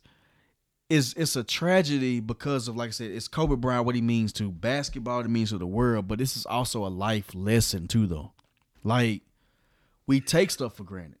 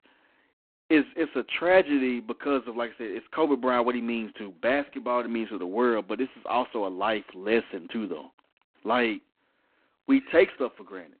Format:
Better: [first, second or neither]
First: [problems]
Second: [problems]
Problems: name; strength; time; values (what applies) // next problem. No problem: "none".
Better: first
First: none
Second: phone-call audio; poor line; nothing above 3.5 kHz